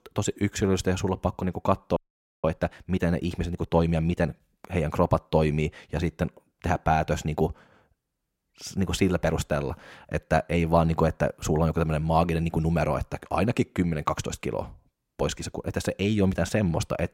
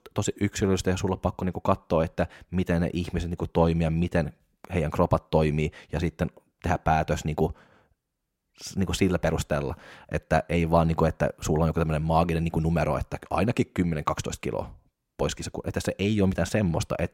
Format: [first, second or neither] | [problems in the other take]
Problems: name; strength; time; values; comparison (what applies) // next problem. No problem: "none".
second | audio freezing; at 2 s